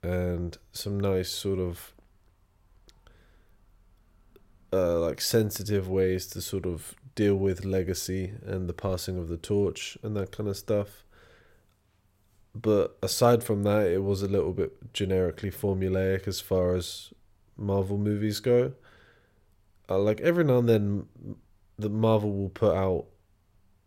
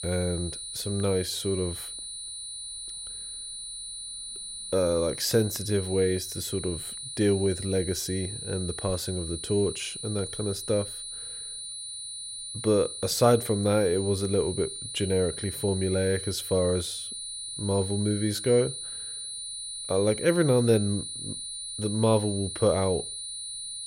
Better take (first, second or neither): first